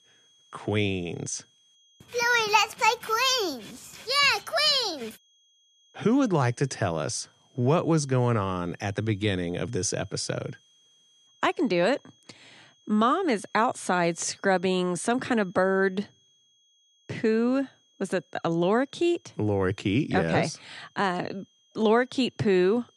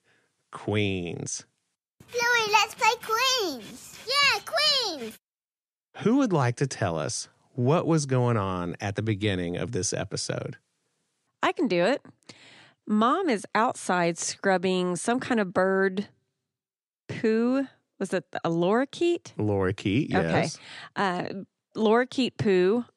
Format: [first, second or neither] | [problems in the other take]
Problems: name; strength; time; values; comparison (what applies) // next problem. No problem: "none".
second | high-pitched whine; faint; throughout; 3.5 kHz, 35 dB below the speech